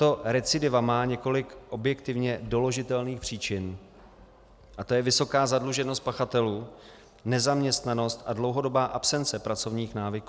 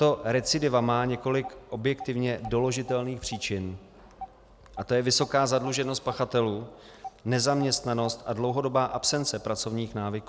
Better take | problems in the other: first | background sound (Telephone); 18 dB below the speech

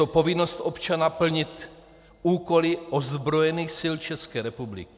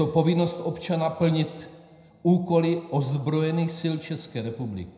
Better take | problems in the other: first | room echo; dies away in 0.7 s

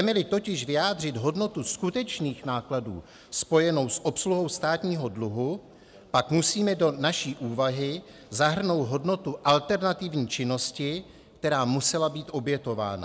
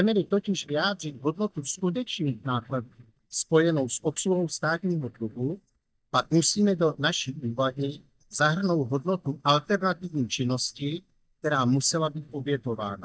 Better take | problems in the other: first | noise reduction (neural mask model DeepFilterNet 3)

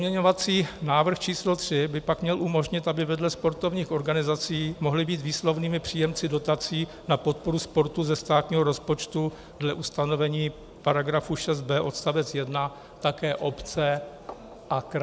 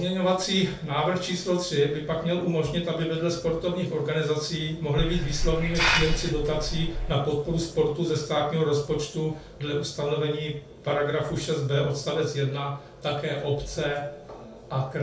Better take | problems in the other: first | background sound (Hiss); 1 dB above the speech // room echo; dies away in 0.3 s

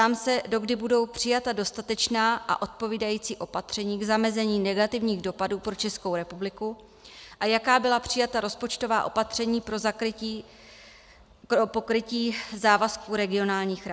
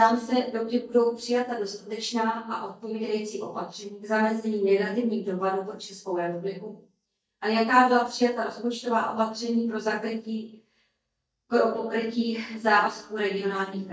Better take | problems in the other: first | noise reduction (neural mask model DeepFilterNet 3)

